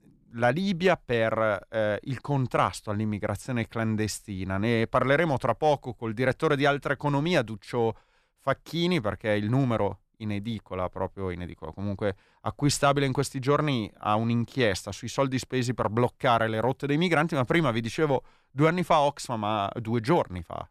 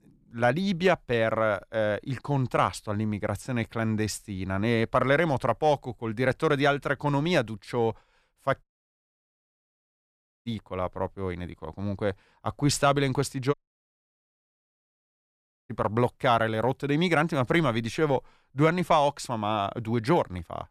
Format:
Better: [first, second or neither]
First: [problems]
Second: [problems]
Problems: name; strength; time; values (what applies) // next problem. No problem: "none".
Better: first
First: none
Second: audio cutting out; at 8.5 s for 2 s and at 14 s for 2 s